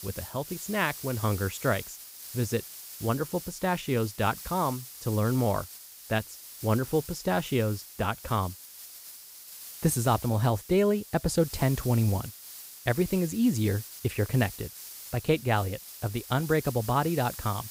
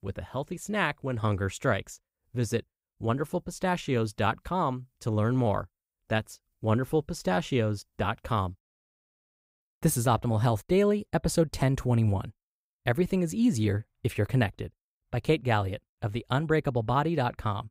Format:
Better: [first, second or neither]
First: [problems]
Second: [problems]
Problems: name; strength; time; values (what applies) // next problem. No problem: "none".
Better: second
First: hiss; noticeable; throughout; 10 dB below the speech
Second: none